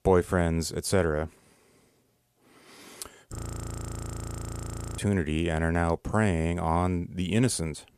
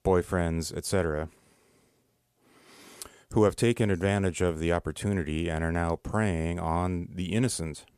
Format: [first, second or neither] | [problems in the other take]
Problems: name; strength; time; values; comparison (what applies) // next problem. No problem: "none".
second | audio freezing; at 3.5 s for 1.5 s